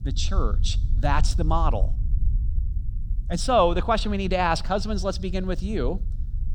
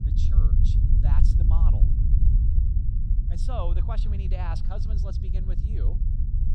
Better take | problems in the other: first | low rumble; loud; throughout; 1 dB below the speech; faint in the first

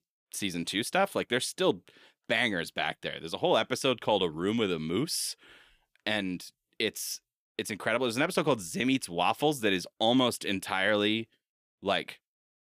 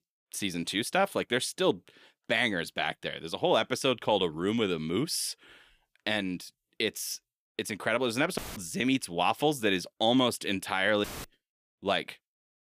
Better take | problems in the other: first | audio cutting out; filled with static; at 8.5 s and at 11 s

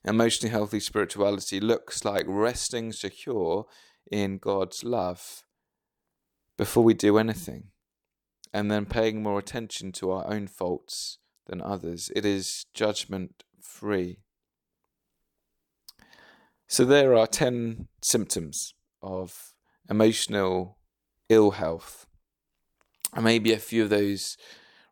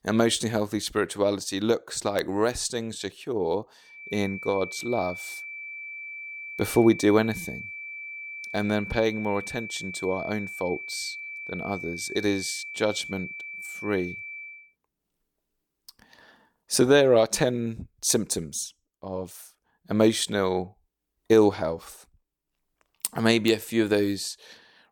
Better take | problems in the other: first | high-pitched whine; noticeable; from 4 to 15 s; 2.5 kHz, 10 dB below the speech

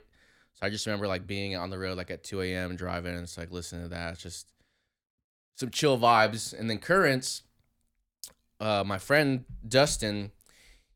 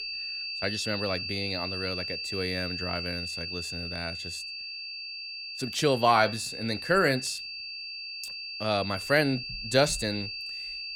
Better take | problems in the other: first | high-pitched whine; loud; throughout; 4.5 kHz, 5 dB below the speech

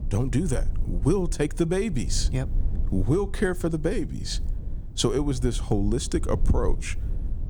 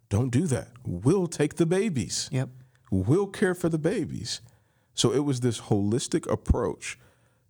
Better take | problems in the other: second | low rumble; noticeable; throughout; 20 dB below the speech

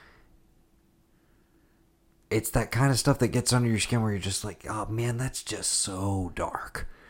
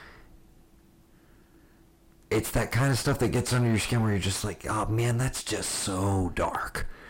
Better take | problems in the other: first | distortion; heavy; 5 dB below the speech

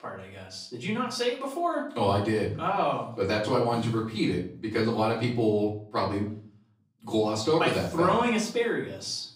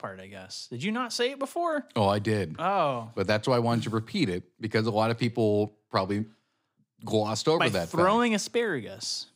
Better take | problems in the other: second | off-mic speech; far // room echo; slight; dies away in 0.4 s

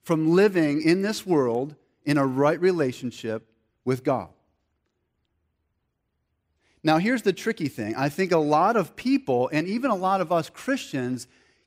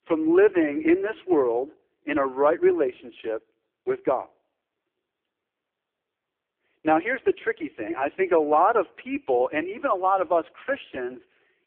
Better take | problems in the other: first | phone-call audio; poor line

